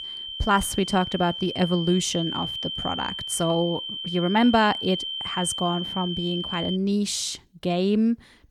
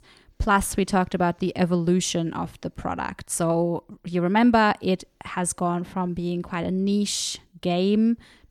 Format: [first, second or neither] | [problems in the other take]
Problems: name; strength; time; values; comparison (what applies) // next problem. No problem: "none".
second | high-pitched whine; loud; until 7 s; 3 kHz, 5 dB below the speech